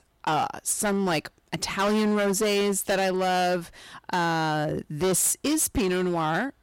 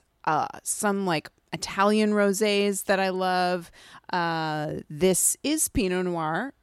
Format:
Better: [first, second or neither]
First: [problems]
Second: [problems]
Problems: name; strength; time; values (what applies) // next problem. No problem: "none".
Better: second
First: distortion; heavy; 18% of the sound clipped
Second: none